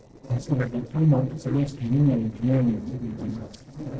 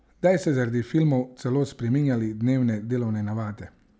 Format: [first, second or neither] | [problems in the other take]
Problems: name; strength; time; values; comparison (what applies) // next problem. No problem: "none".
second | noise reduction (neural separator model SepFormer DNS4)